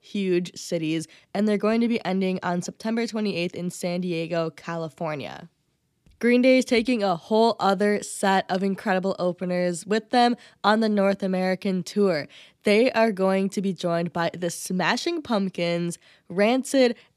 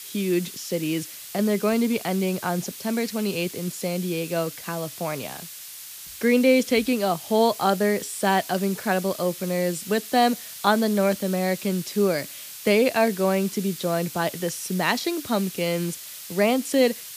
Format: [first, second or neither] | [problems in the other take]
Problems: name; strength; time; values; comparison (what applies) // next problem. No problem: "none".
first | hiss; noticeable; throughout; 10 dB below the speech